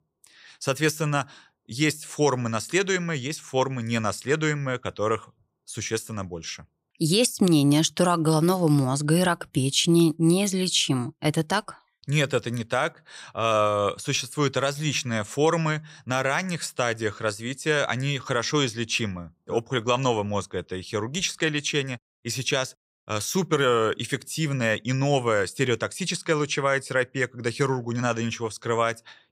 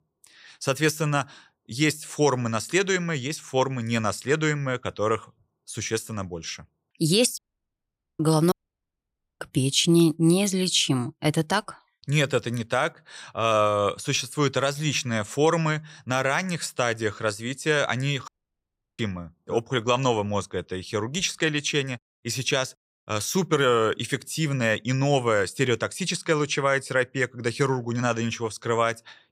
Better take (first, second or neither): first